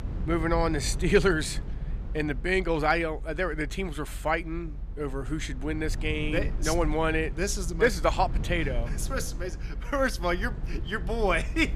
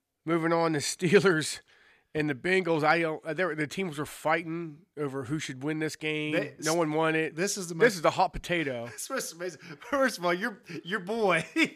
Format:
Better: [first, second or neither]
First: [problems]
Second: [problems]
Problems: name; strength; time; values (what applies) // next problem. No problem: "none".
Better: second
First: low rumble; faint; throughout; 20 dB below the speech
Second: none